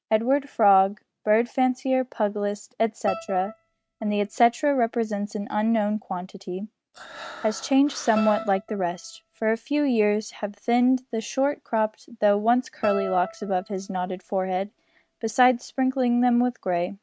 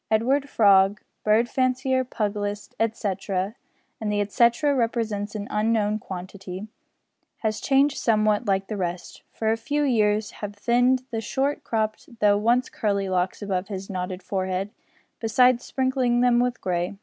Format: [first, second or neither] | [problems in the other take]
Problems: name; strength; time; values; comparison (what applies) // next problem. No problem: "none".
second | noise reduction (neural mask model RNNoise)